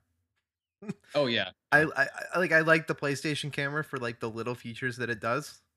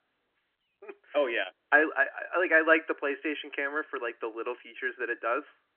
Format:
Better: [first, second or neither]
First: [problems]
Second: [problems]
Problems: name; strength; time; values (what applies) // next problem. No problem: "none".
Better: first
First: none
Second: phone-call audio; nothing above 3 kHz